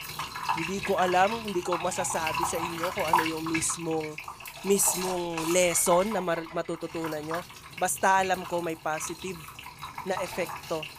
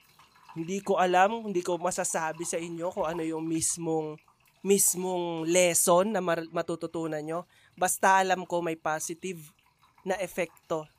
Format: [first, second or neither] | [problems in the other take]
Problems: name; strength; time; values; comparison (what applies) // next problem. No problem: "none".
second | household noises; loud; throughout; 6 dB below the speech; faint in the second